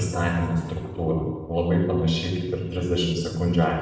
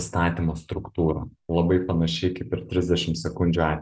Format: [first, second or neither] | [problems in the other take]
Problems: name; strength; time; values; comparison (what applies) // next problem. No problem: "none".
second | room echo; dies away in 1.1 s